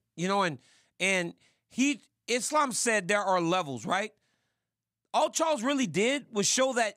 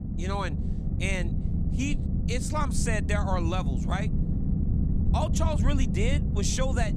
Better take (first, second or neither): first